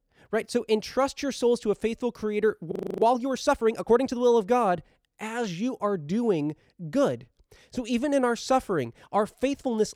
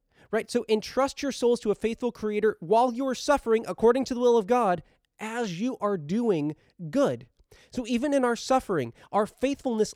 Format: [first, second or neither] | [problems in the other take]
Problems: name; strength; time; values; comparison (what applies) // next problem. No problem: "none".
second | audio freezing; at 2.5 s